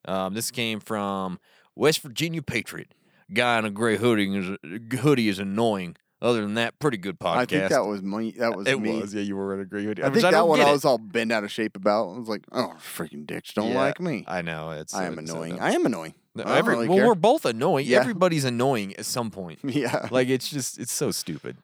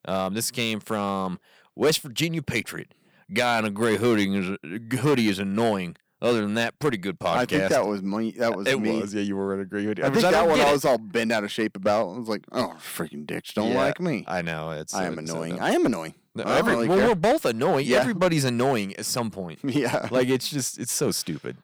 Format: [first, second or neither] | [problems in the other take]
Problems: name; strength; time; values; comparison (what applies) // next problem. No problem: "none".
first | distortion; slight; 4% of the sound clipped